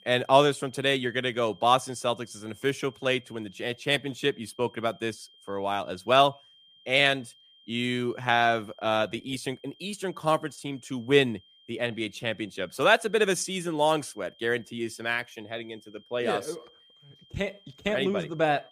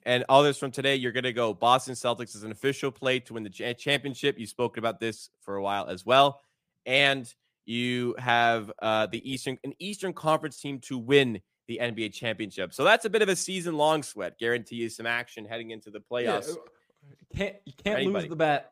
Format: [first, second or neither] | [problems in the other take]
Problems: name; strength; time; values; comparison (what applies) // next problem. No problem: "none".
second | high-pitched whine; faint; throughout; 3 kHz, 30 dB below the speech